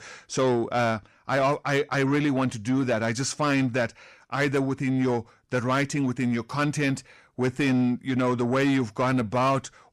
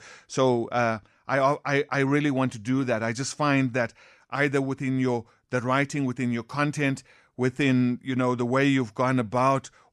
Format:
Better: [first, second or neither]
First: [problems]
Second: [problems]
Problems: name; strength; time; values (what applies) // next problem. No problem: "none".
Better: second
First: distortion; slight; 10 dB below the speech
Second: none